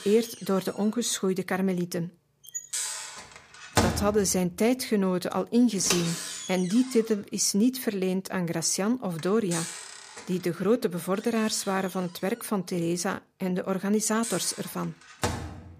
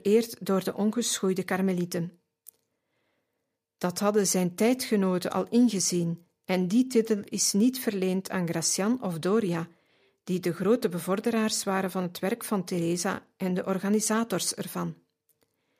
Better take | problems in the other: second | household noises; loud; throughout; 6 dB below the speech

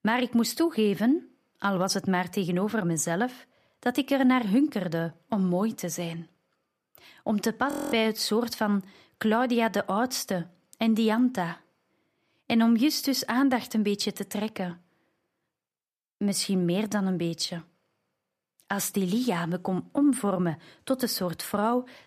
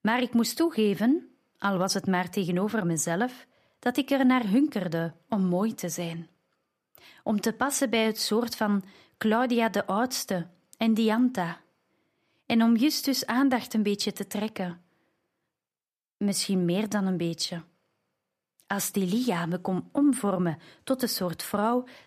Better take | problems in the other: second | audio freezing; at 7.5 s

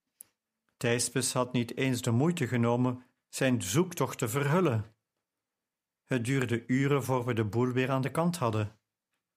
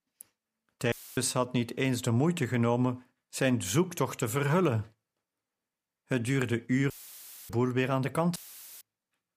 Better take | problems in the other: first | audio cutting out; filled with static; at 1 s, at 7 s for 0.5 s and at 8.5 s

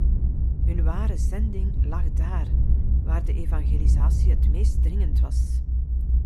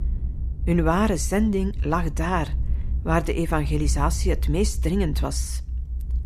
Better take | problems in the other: second | low rumble; loud; throughout; 1 dB below the speech; faint in the second

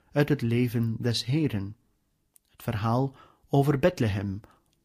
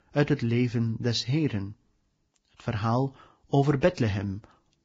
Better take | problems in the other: first | garbled, watery; badly; slightly in the first

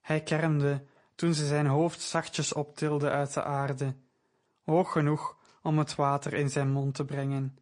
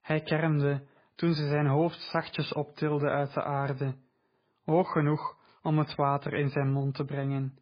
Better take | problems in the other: first | garbled, watery; badly; nothing above 5 kHz; slightly in the first

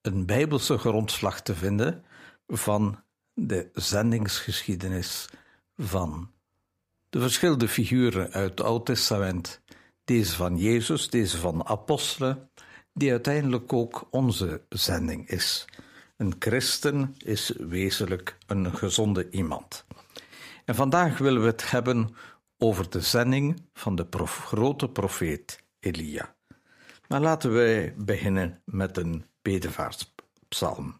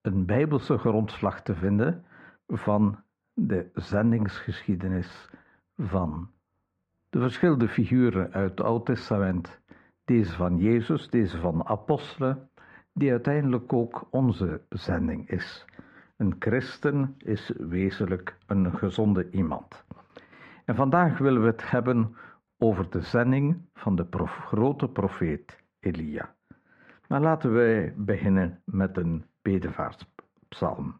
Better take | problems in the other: first | muffled; very; fading above 1.5 kHz

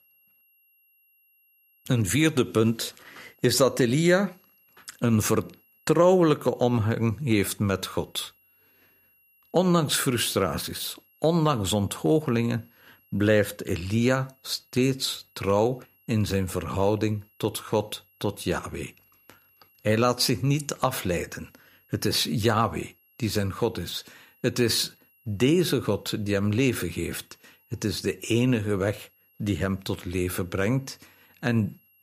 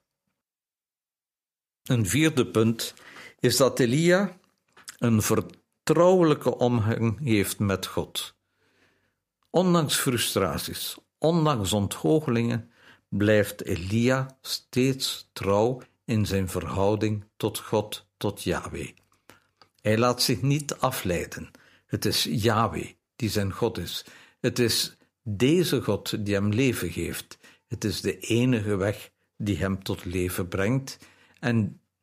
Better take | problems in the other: second | high-pitched whine; faint; throughout; 11.5 kHz, 35 dB below the speech

